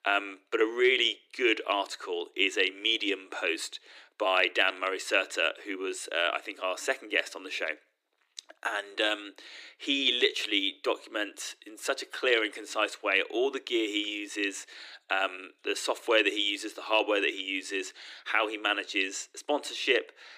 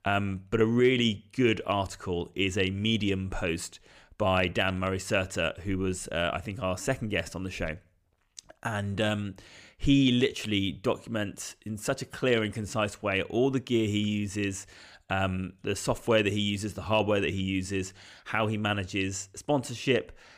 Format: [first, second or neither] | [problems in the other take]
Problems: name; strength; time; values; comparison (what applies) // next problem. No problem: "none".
second | thin; very; fading below 300 Hz